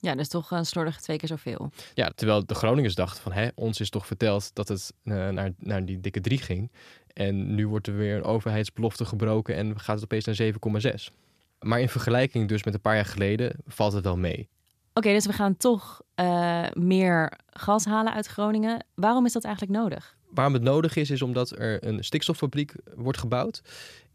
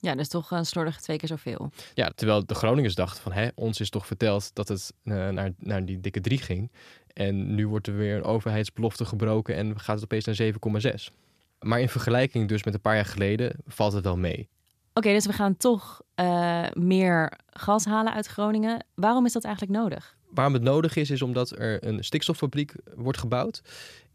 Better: neither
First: none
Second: none

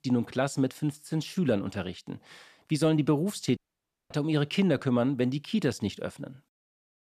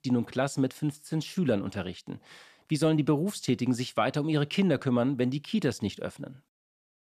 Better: second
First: audio cutting out; at 3.5 s for 0.5 s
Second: none

